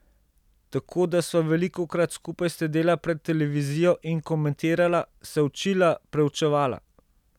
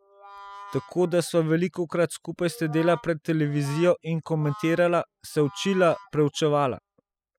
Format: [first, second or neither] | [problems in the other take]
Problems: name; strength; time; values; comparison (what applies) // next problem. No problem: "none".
first | noise reduction (classical method spectral subtraction)